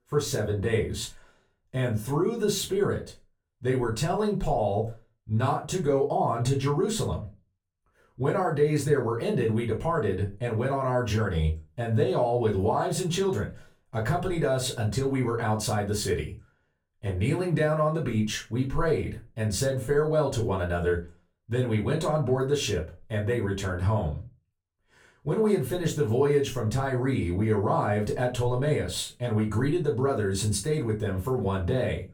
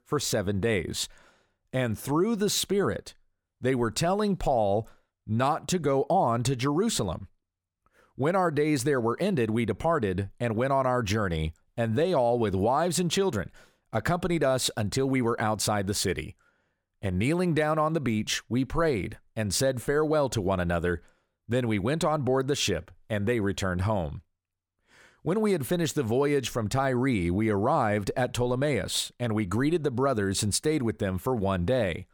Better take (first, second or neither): second